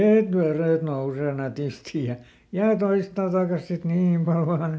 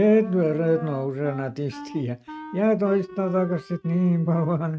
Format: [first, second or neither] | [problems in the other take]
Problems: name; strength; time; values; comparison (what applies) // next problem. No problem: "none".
first | noise reduction (neural mask model RNNoise)